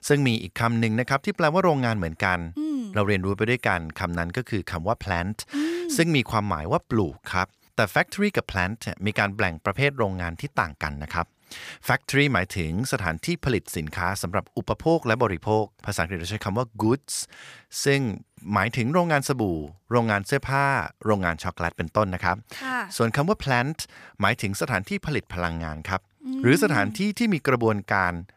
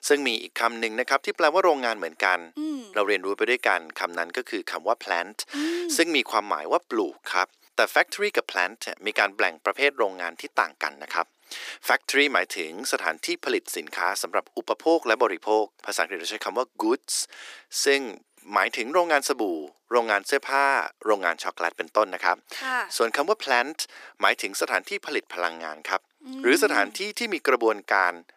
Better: first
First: none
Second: thin; somewhat; fading below 300 Hz

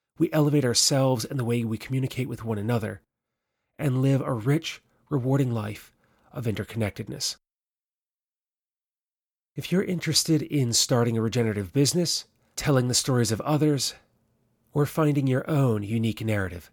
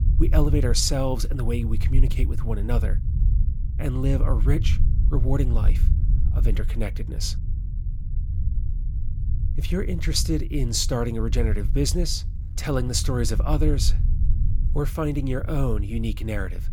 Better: first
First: none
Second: low rumble; noticeable; throughout; 15 dB below the speech

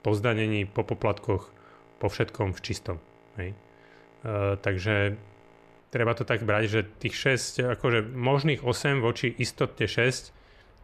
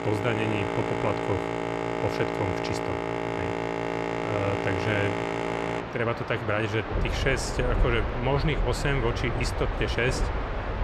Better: first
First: train or aircraft noise; faint; throughout; 30 dB below the speech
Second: train or aircraft noise; loud; throughout; 1 dB below the speech

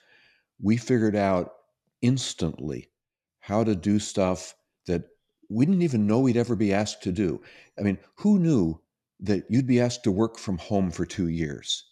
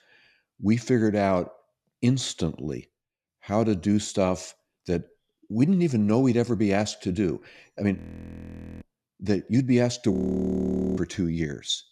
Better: first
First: none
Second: audio freezing; at 8 s for 1 s and at 10 s for 1 s

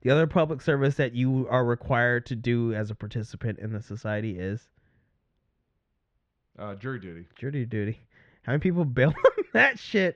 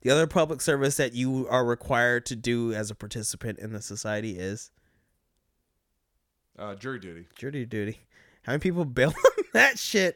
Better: second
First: muffled; very; fading above 3 kHz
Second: none

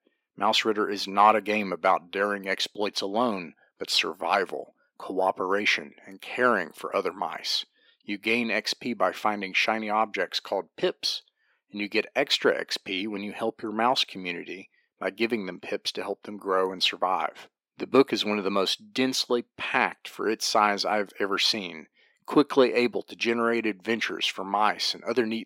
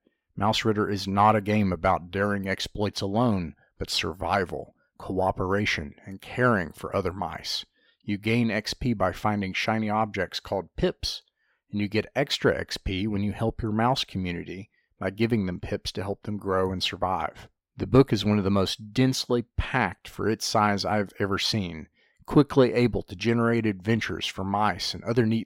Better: second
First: thin; somewhat; fading below 300 Hz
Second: none

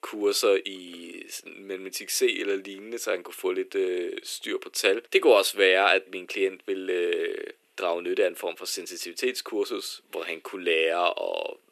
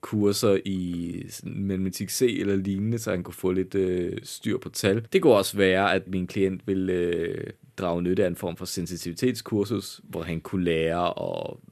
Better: second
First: thin; very; fading below 350 Hz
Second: none

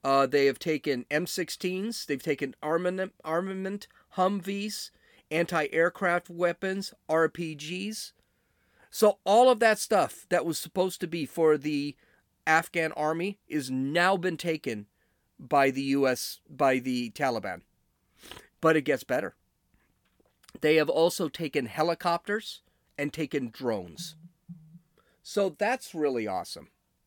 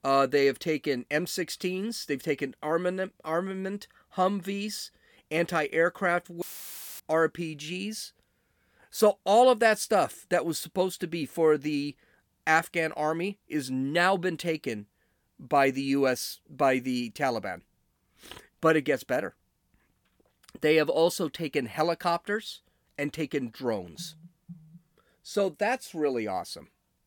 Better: first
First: none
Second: audio cutting out; filled with static; at 6.5 s for 0.5 s

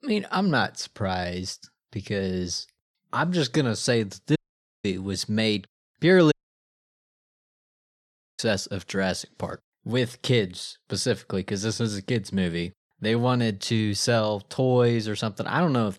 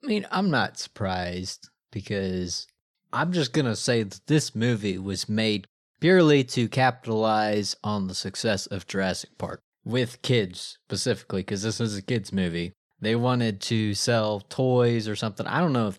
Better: second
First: audio cutting out; at 4.5 s and at 6.5 s for 2 s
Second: none

